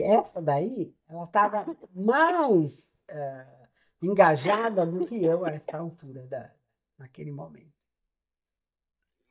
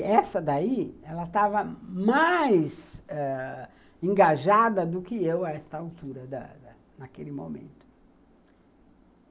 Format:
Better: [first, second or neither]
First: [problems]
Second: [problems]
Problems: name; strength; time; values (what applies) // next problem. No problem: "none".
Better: second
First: noise reduction (neural mask model DeepFilterNet 3)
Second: none